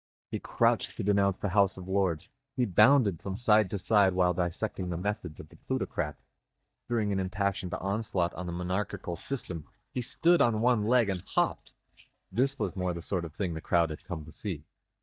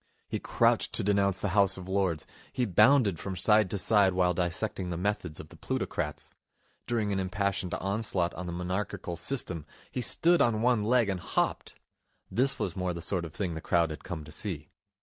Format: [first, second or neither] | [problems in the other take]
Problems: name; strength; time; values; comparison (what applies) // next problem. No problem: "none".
second | noise reduction (neural mask model DeepFilterNet 3)